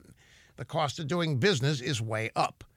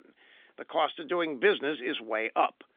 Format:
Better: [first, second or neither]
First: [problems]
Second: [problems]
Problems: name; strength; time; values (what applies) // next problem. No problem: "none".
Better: first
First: none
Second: phone-call audio; nothing above 3.5 kHz